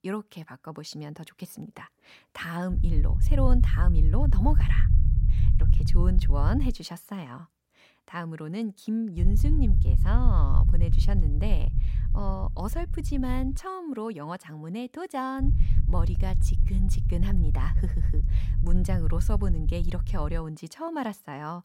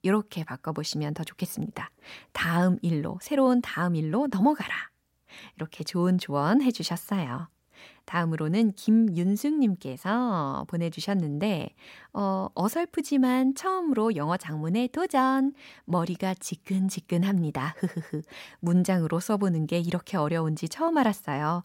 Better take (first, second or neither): second